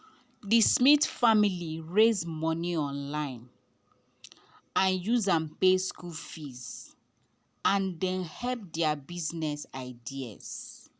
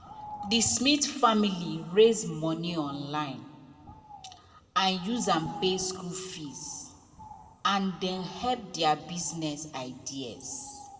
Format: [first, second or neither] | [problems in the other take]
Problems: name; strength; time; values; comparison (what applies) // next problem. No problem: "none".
first | background sound (Bird); 18 dB below the speech // room echo; dies away in 1.3 s